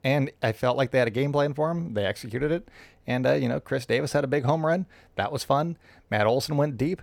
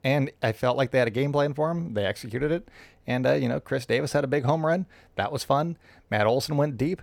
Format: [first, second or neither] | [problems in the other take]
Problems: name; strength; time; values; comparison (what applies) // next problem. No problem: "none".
neither | none